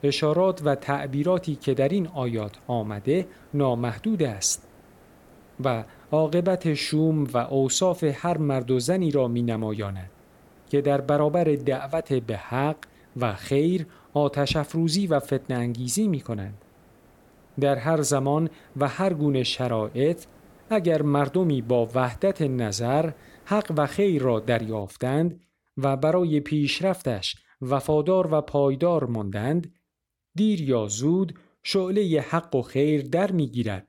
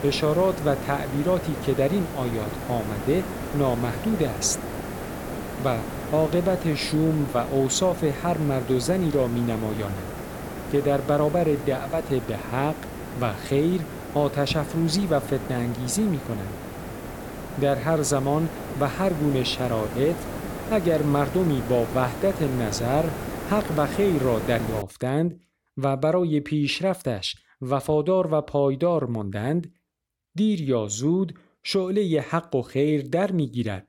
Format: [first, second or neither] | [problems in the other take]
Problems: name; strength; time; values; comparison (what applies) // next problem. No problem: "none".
first | hiss; loud; until 25 s; 9 dB below the speech; faint in the first